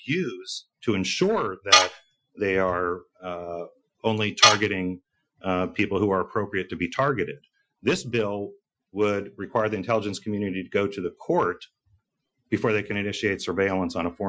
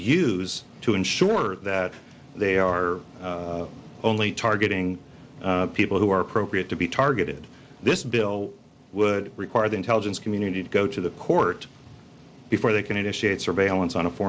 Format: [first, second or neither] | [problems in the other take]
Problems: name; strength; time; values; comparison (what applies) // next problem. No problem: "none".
second | noise reduction (classical method Wiener filter)